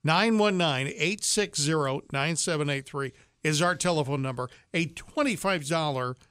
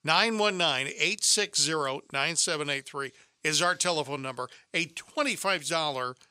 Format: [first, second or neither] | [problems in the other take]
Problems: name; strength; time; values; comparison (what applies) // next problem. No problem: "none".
first | thin; somewhat; fading below 550 Hz